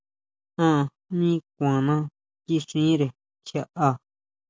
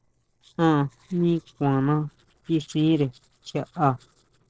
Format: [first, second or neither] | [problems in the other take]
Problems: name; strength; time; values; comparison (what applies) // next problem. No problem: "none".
first | noise reduction (neural separator model SepFormer DNS4)